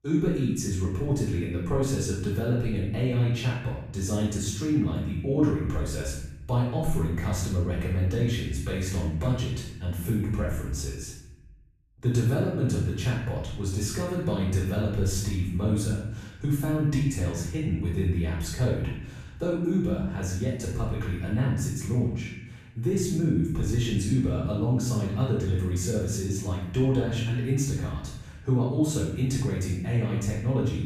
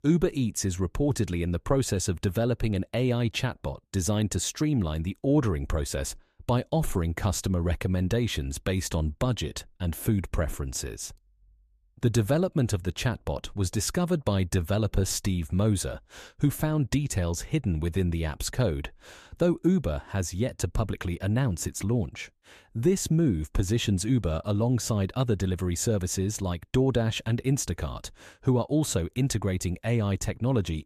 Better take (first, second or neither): second